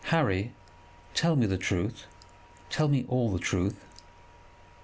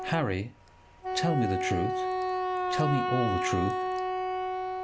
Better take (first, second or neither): first